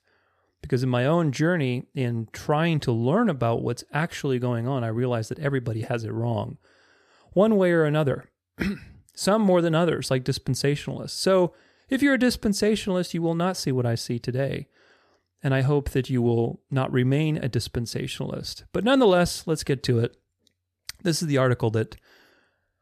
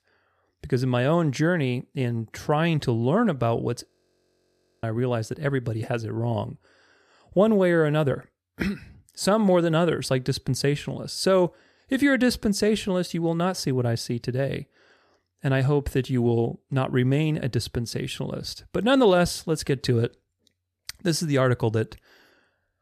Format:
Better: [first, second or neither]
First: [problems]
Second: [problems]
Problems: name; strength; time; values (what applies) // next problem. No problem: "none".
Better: first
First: none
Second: audio freezing; at 4 s for 1 s